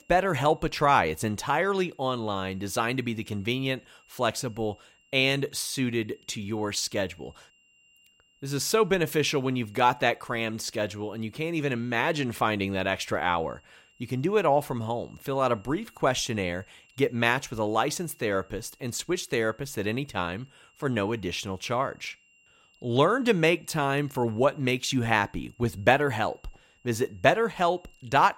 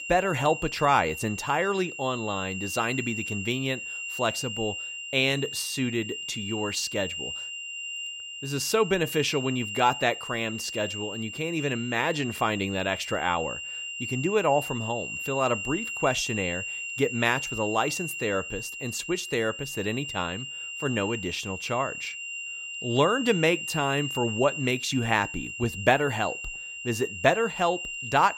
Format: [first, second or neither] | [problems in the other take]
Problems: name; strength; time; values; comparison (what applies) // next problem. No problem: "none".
first | high-pitched whine; loud; throughout; 3 kHz, 6 dB below the speech; faint in the first